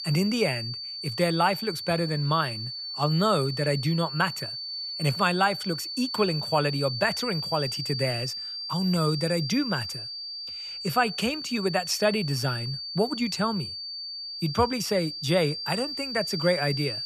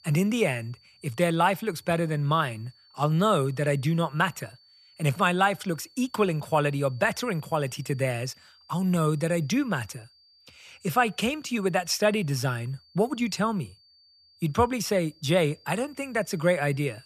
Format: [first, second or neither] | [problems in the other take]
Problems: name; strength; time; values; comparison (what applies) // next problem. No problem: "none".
second | high-pitched whine; loud; throughout; 4.5 kHz, 5 dB below the speech; faint in the second